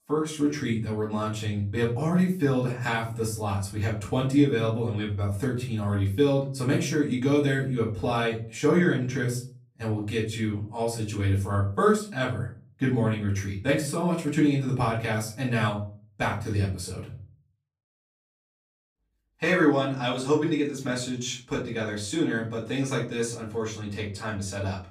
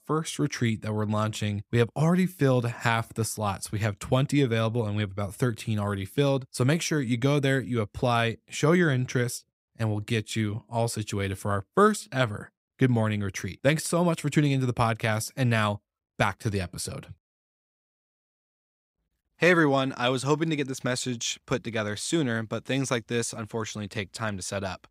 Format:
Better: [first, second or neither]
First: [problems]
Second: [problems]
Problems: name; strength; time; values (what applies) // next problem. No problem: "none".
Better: second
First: off-mic speech; far // room echo; slight; dies away in 0.4 s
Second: none